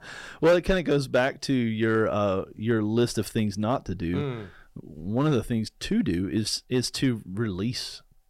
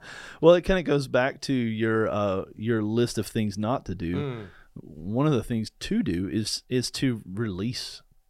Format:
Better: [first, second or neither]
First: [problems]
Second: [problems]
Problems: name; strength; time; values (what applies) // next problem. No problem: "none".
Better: second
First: distortion; slight; 1.8% of the sound clipped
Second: none